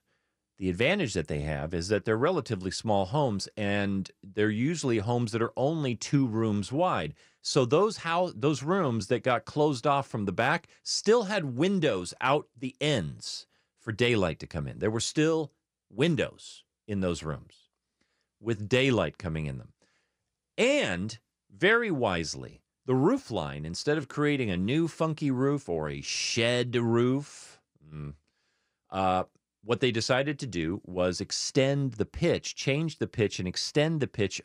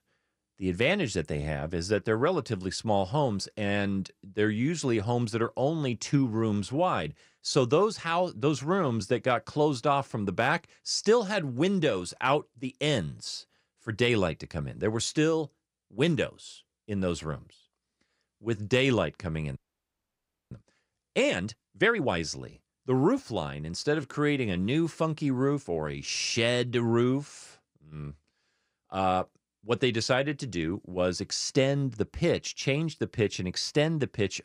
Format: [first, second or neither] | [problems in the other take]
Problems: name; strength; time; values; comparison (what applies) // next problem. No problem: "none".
first | audio freezing; at 20 s for 1 s